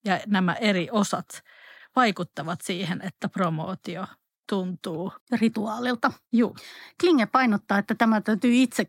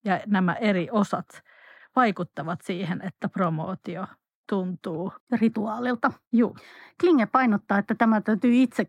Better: first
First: none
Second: muffled; slightly; fading above 2.5 kHz

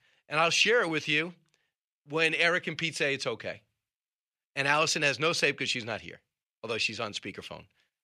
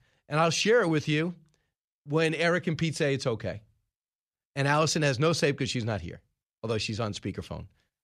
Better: second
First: thin; somewhat; fading below 450 Hz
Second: none

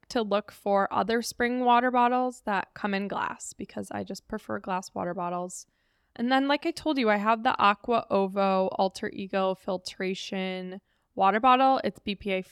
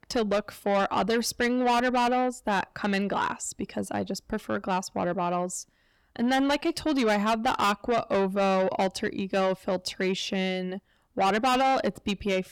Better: first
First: none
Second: distortion; heavy; 7 dB below the speech

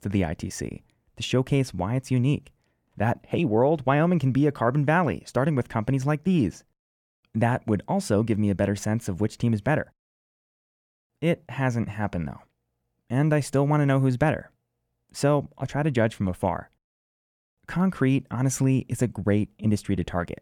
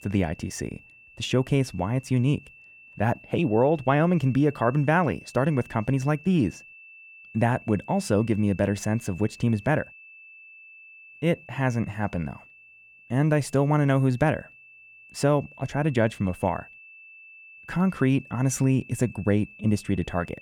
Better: first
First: none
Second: high-pitched whine; faint; throughout; 2.5 kHz, 20 dB below the speech

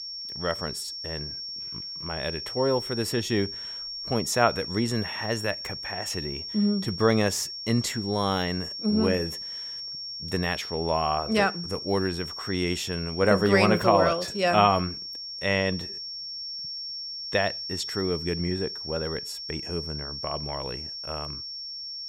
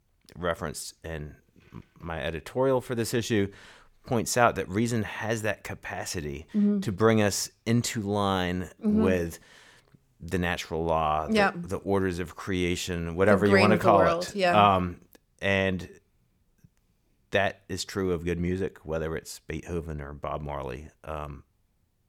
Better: second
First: high-pitched whine; loud; throughout; 5.5 kHz, 7 dB below the speech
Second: none

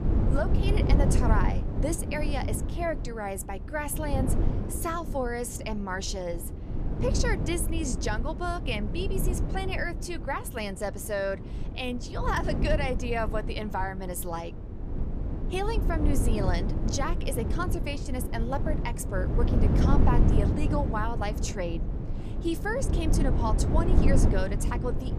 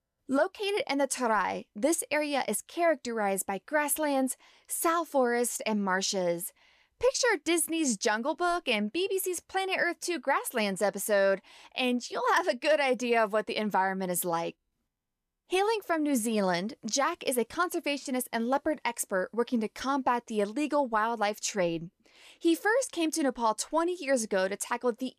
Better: second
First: low rumble; loud; throughout; 6 dB below the speech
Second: none

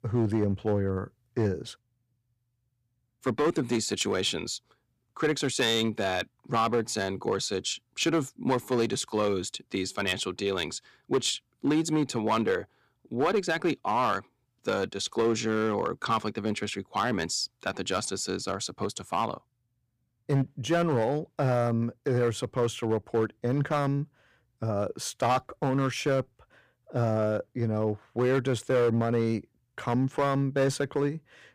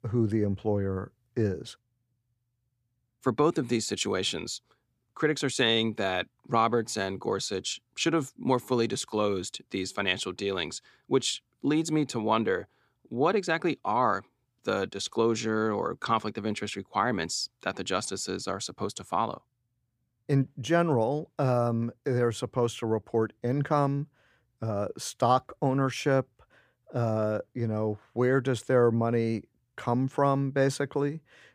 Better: second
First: distortion; slight; 4% of the sound clipped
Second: none

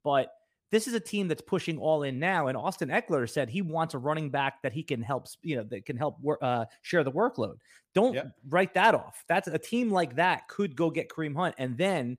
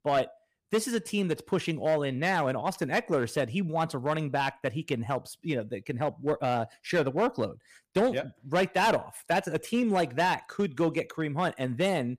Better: first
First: none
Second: distortion; slight; 4% of the sound clipped

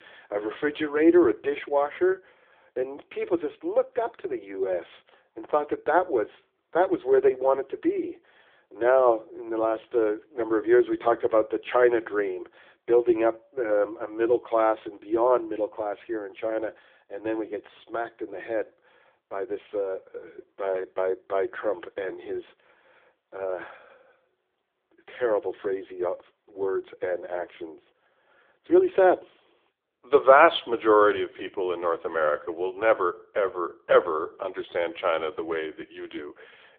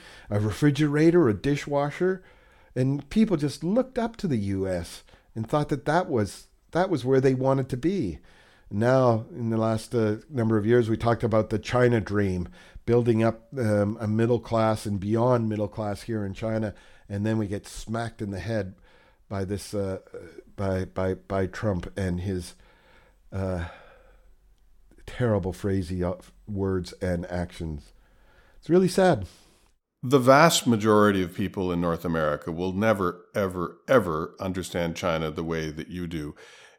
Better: second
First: phone-call audio; poor line; nothing above 3.5 kHz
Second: none

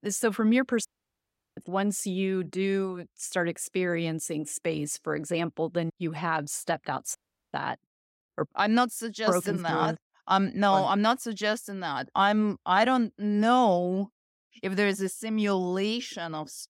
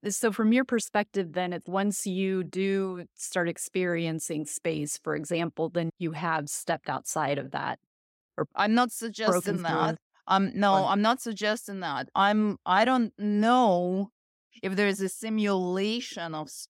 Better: second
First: audio cutting out; at 1 s for 0.5 s and at 7 s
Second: none

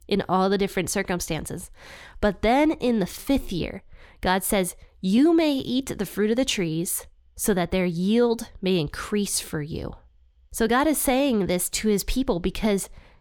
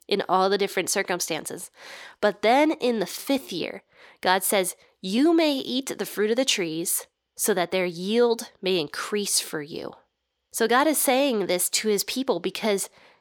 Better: first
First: none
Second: thin; very slightly; fading below 350 Hz

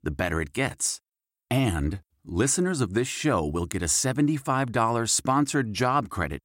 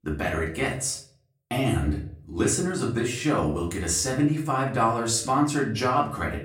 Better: first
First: none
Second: off-mic speech; far // room echo; slight; dies away in 0.4 s

